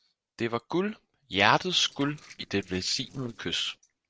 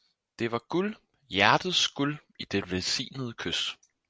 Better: second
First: noise reduction (neural separator model SepFormer DNS4)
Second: none

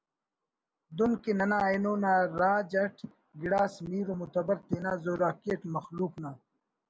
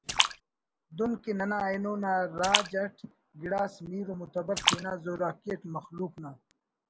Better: first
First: none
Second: background sound (Splash, splatter); 2 dB below the speech

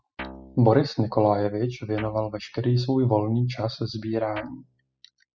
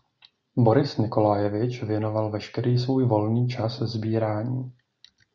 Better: second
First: noise reduction (classical method spectral subtraction)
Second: none

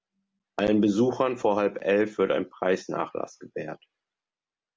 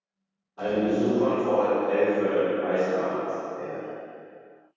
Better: first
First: none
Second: room echo; dies away in 2.2 s

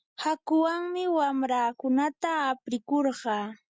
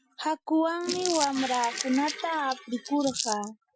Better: first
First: none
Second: noise reduction (classical method Wiener filter)

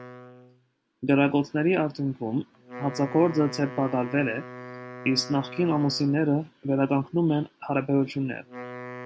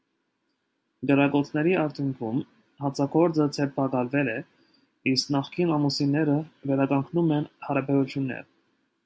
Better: second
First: background sound (Wind instrument, woodwind instrument); 16 dB below the speech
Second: none

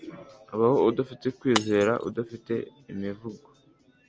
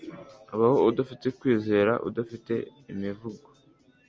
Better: second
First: background sound (Shatter); 12 dB below the speech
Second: none

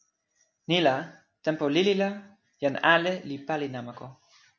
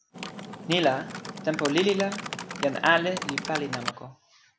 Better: first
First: none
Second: background sound (Typing); 7 dB below the speech

